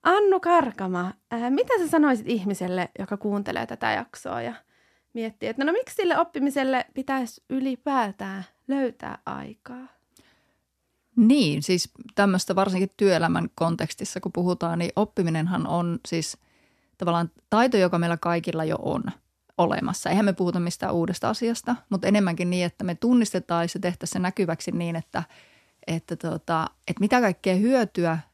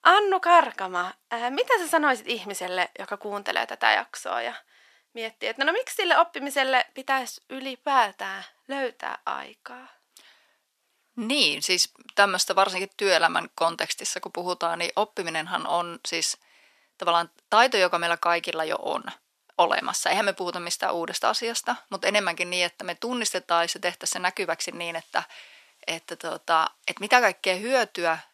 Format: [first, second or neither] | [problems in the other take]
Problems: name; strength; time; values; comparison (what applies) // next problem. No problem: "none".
first | thin; very; fading below 700 Hz